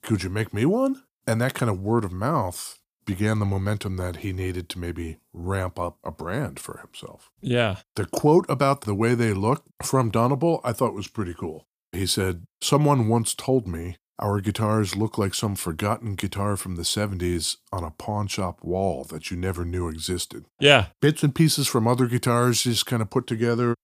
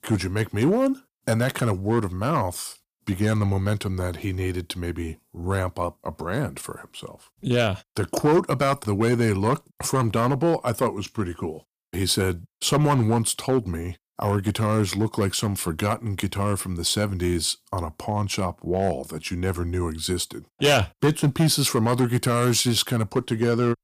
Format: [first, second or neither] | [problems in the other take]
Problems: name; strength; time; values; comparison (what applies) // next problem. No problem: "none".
first | distortion; slight; 3% of the sound clipped